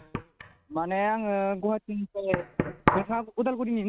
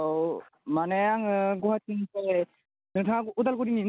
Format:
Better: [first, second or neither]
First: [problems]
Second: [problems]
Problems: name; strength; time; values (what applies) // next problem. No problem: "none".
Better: second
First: noise reduction (neural mask model RNNoise)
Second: none